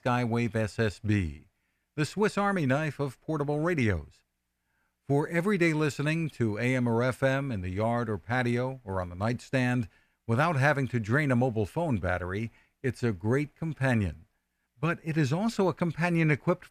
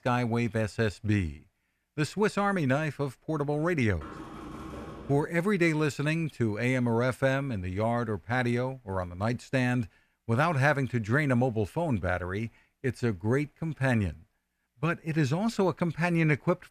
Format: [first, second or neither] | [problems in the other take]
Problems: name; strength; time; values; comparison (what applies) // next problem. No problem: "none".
first | door banging; faint; from 4 to 5.5 s; peak 15 dB below the speech